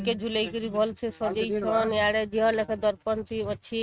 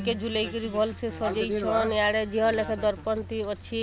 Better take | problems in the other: second | noise reduction (neural mask model RNNoise)

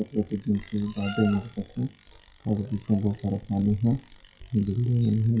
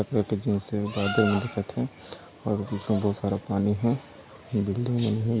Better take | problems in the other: second | noise reduction (classical method WPE with log-MMSE)

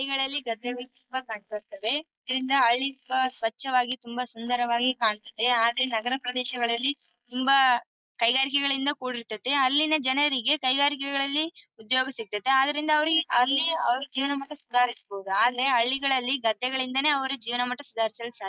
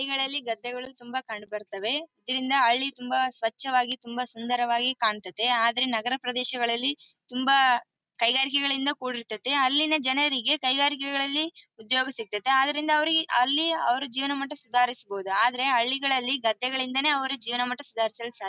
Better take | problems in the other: second | noise reduction (neural mask model Resemble Enhance denoiser)

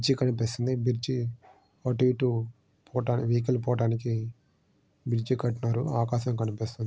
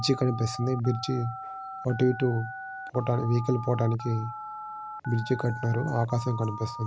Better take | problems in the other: first | background sound (Telephone); 11 dB below the speech

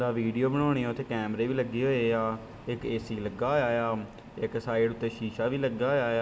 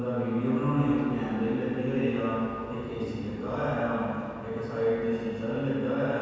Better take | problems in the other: first | room echo; dies away in 2.1 s

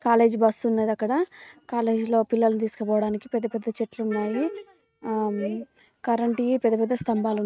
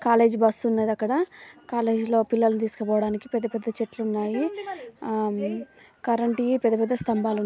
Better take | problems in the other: second | noise reduction (neural mask model RNNoise)

